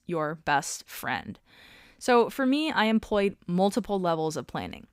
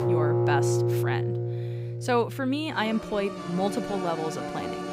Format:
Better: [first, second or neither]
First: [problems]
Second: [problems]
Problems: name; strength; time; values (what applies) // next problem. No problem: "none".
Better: first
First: none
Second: background music; very loud; throughout; as loud as the speech